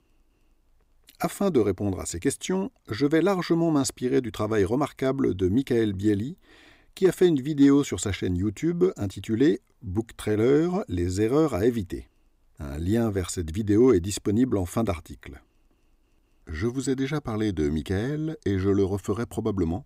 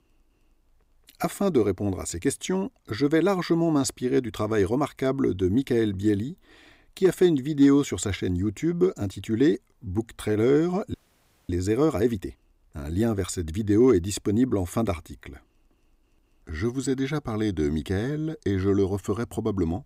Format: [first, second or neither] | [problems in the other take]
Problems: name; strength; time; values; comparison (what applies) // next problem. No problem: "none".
first | audio freezing; at 11 s for 0.5 s